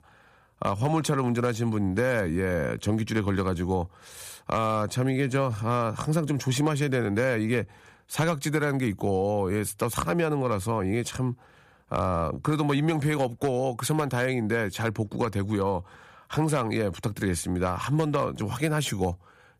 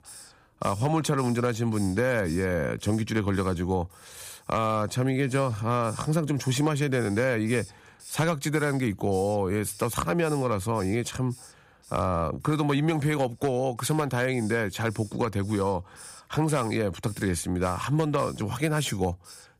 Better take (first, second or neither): first